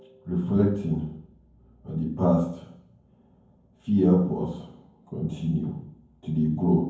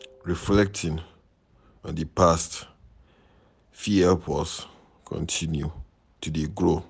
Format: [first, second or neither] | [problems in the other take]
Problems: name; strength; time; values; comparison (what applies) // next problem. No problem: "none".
second | room echo; dies away in 0.9 s